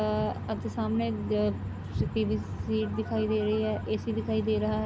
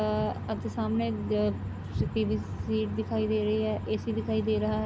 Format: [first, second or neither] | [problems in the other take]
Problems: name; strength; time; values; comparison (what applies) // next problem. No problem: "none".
second | background sound (Telephone); 19 dB below the speech